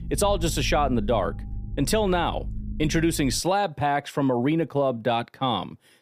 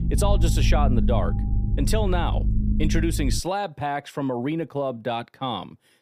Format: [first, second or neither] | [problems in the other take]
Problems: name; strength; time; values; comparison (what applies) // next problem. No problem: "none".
first | low rumble; loud; until 3.5 s; 10 dB below the speech; faint in the first